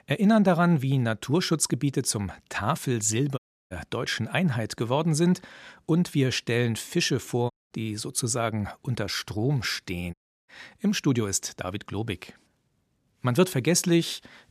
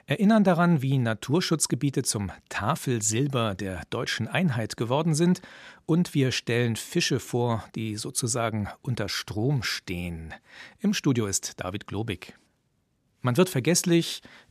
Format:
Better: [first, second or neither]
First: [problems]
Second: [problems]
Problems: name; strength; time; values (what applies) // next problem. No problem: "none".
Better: second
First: audio cutting out; at 3.5 s, at 7.5 s and at 10 s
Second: none